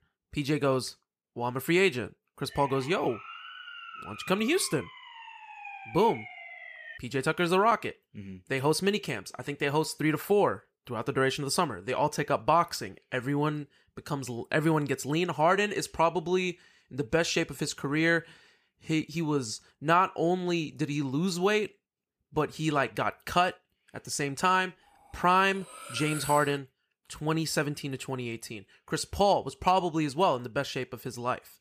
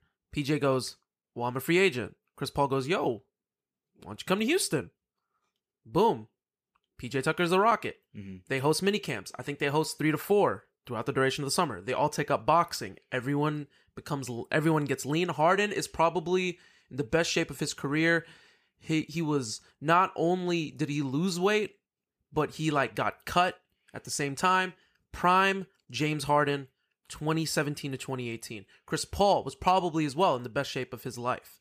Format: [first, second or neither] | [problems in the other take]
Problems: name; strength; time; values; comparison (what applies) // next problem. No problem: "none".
second | siren; faint; from 2.5 to 7 s; peak 15 dB below the speech // clattering dishes; noticeable; from 25 to 27 s; peak 8 dB below the speech